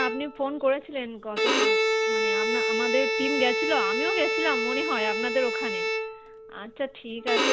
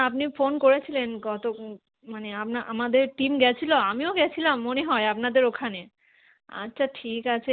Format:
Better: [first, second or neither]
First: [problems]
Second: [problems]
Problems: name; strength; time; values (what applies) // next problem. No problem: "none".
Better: second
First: background sound (Bowed string instrument); 3 dB above the speech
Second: none